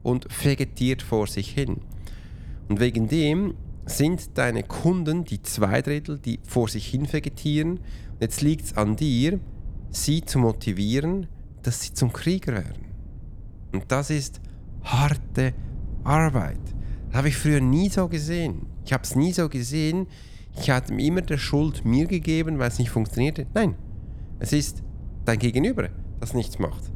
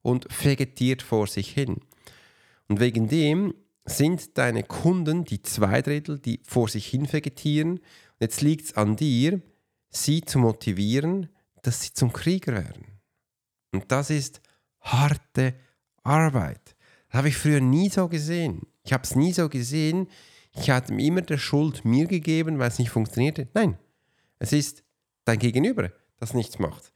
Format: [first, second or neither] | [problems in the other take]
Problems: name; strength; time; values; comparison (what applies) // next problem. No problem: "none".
second | wind noise on the microphone; occasional gusts; 25 dB below the speech